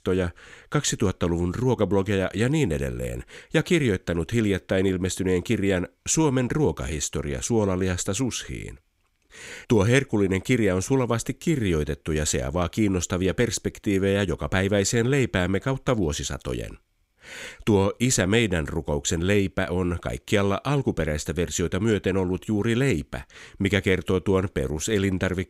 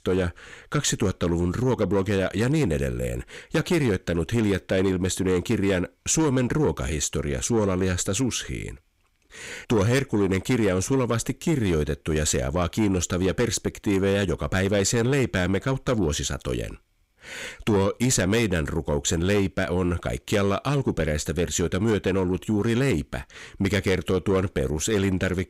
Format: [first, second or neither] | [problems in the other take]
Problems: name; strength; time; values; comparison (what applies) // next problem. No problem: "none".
first | distortion; slight; 10 dB below the speech